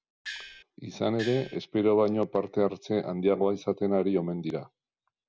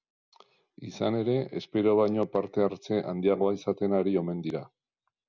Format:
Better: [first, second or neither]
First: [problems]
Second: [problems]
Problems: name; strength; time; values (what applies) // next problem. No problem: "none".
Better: second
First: background sound (Gong); 12 dB below the speech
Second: none